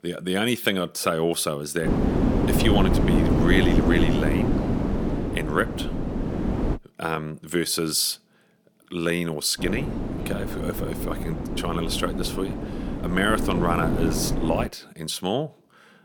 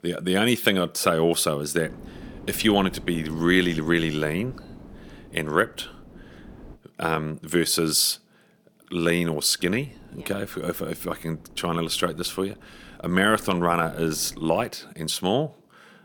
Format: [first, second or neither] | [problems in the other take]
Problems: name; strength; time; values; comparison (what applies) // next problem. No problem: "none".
second | wind noise on the microphone; heavy; from 2 to 7 s and from 9.5 to 15 s; 3 dB below the speech; occasional gusts in the second